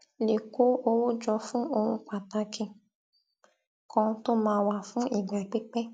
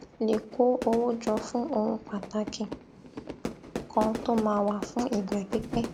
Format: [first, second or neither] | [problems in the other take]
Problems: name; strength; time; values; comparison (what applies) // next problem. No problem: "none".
first | background sound (Fire / Fireworks); 9 dB below the speech